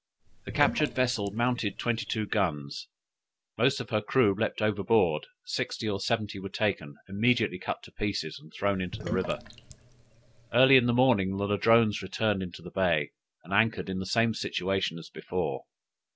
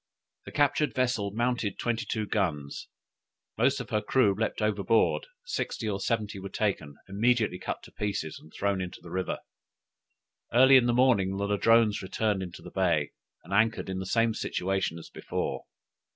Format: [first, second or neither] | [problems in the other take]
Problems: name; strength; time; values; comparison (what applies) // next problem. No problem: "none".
second | background sound (Sink (filling or washing)); 12 dB below the speech